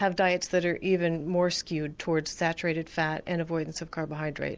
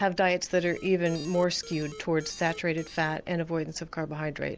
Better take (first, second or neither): first